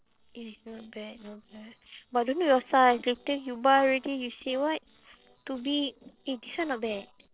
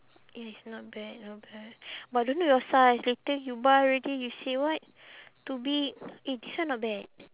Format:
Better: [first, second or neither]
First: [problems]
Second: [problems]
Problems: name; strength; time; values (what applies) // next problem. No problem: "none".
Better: second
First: noise reduction (neural separator model SepFormer DNS4)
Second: none